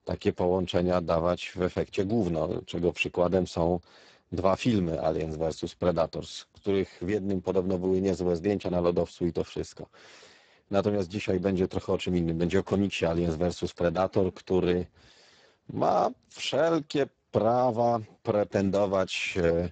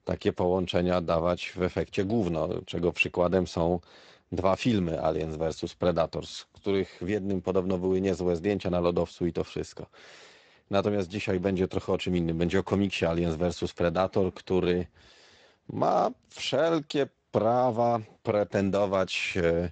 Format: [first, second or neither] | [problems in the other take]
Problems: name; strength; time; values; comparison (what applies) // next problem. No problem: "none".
second | garbled, watery; badly; nothing above 8 kHz; slightly in the second